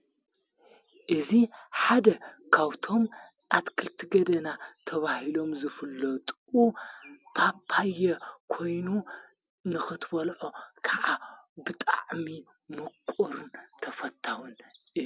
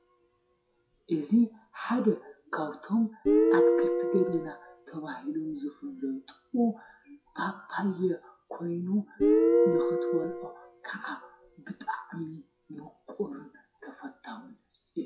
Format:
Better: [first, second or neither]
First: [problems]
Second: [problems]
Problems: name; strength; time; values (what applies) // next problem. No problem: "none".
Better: first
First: none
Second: noise reduction (classical method WPE with log-MMSE)